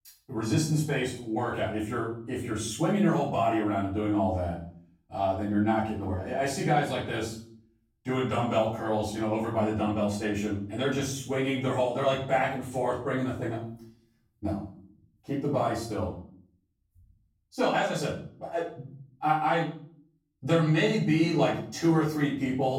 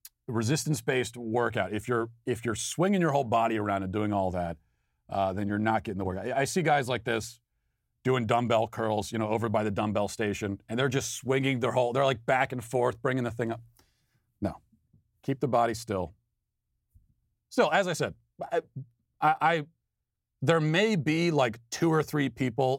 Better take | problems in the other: second | room echo; noticeable; dies away in 0.5 s // off-mic speech; far

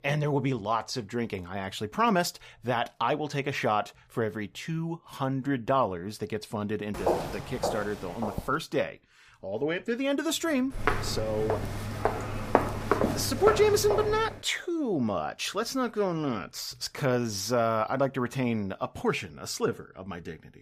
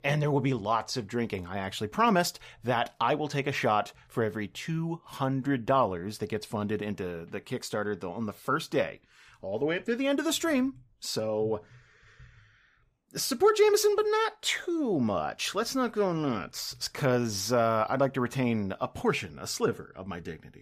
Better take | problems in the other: second | footsteps; loud; from 7 to 8.5 s and from 11 to 14 s; peak 4 dB above the speech

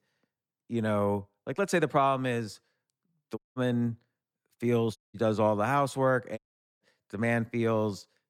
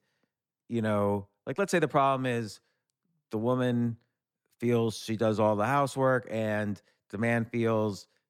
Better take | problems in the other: second | audio cutting out; at 3.5 s, at 5 s and at 6.5 s

